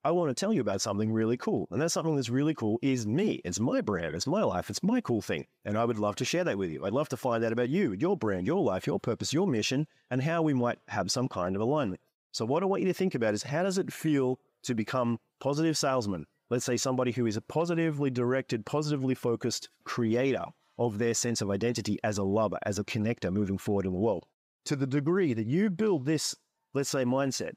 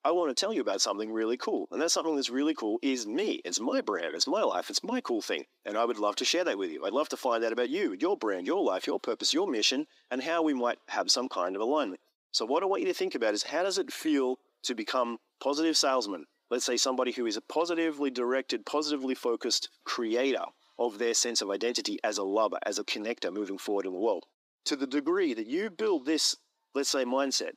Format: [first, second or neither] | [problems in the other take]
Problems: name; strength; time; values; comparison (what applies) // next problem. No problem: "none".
first | thin; very slightly; fading below 300 Hz